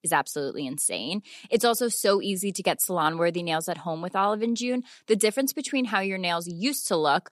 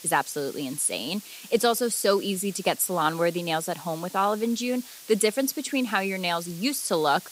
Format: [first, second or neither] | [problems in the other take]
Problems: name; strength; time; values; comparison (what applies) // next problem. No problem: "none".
first | hiss; noticeable; throughout; 15 dB below the speech